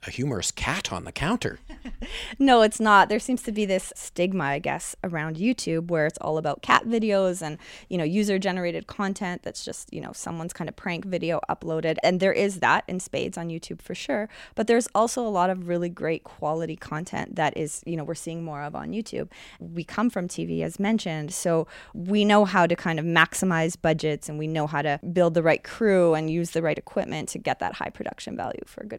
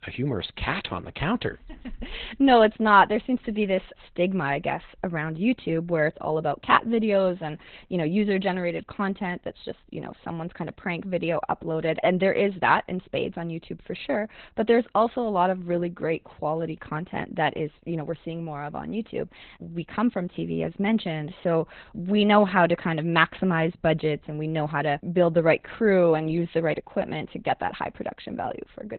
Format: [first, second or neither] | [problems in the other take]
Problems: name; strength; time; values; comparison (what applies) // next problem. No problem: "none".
first | garbled, watery; badly; nothing above 4 kHz